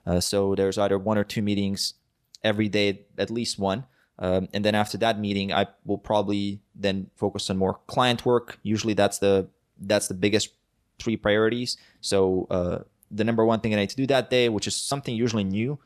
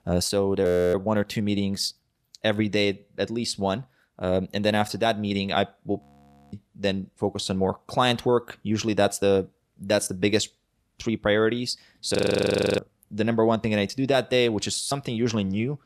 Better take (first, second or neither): first